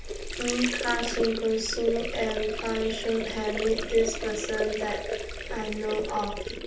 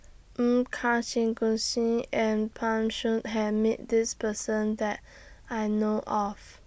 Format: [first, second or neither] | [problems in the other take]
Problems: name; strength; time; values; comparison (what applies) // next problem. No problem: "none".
second | background sound (Sink (filling or washing) / Water); 4 dB below the speech // room echo; dies away in 0.4 s